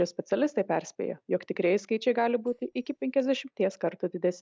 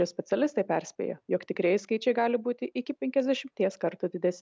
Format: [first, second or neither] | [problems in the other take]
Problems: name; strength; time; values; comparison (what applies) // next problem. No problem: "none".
second | noise reduction (neural mask model DeepFilterNet 3)